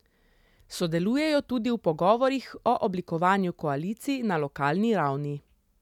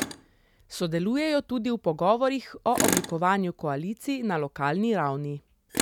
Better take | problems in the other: first | background sound (Tools); 8 dB below the speech

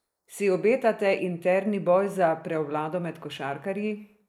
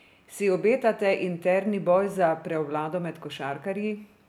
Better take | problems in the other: second | noise reduction (neural mask model Resemble Enhance denoiser)

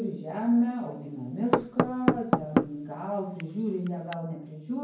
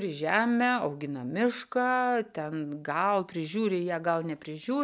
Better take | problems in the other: second | background sound (Knock / Wood); 1 dB above the speech // room echo; dies away in 0.9 s

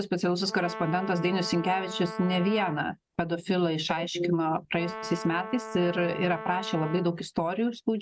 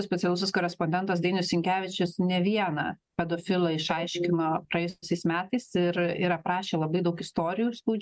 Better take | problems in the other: second | background sound (Brass instrument); 11 dB below the speech

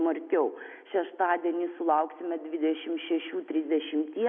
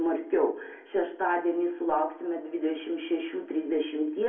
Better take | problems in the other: first | room echo; dies away in 0.3 s

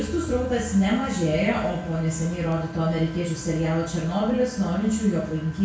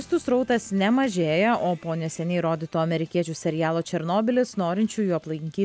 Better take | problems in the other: second | background sound (Engine); 19 dB below the speech // room echo; dies away in 0.6 s

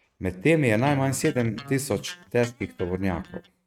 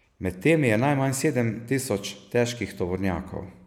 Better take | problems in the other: second | noise reduction (neural mask model RNNoise)

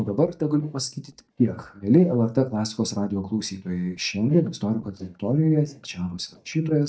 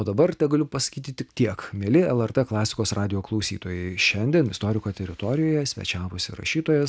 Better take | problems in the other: second | noise reduction (neural mask model DeepFilterNet 3)

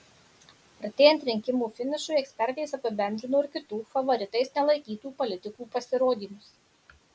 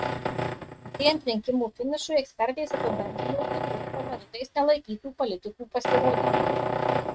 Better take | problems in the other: first | noise reduction (neural mask model RNNoise)

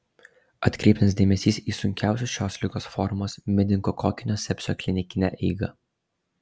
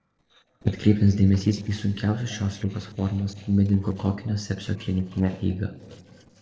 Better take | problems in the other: first | noise reduction (neural separator model SepFormer DNS4)

